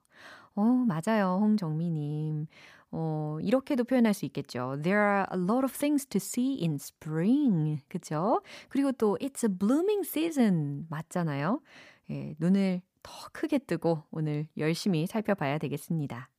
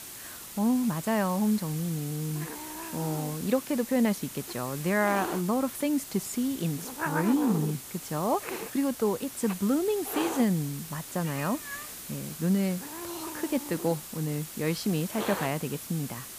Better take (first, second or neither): first